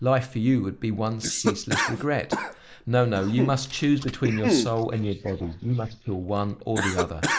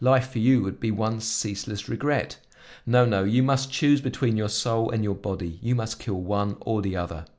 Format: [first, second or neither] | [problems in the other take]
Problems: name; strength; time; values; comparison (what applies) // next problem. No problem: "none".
second | noise reduction (neural mask model Resemble Enhance denoiser)